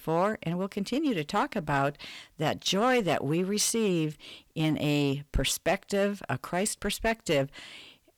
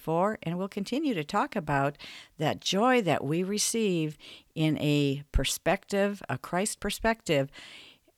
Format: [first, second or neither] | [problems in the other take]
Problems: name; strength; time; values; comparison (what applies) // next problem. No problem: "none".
second | distortion; slight; 5% of the sound clipped